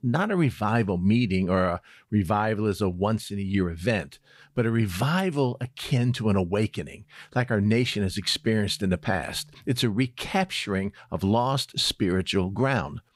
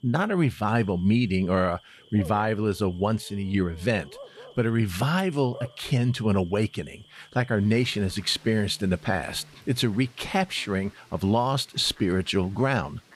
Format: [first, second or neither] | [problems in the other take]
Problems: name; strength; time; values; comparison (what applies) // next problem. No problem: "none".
first | animal sounds; faint; throughout; 25 dB below the speech